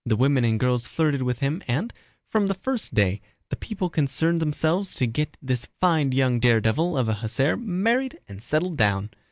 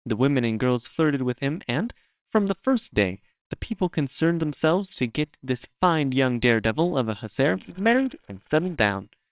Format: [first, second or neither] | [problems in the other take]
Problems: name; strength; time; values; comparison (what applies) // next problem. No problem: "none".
first | noise reduction (neural separator model SepFormer WHAMR!)